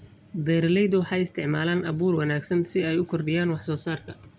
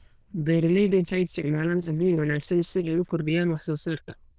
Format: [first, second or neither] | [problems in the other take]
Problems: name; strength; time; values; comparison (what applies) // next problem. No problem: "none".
first | noise reduction (neural diffusion model UNIVERSE++)